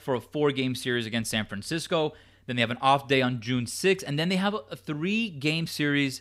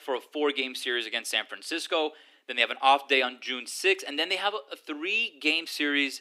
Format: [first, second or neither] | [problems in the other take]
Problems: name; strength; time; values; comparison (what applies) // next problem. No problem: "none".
first | thin; somewhat; fading below 300 Hz